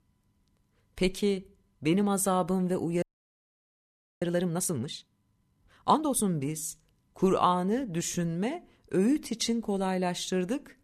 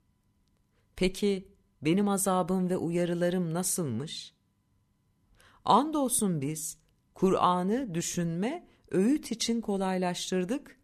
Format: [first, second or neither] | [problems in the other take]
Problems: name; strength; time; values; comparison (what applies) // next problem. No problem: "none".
second | audio freezing; at 3 s for 1 s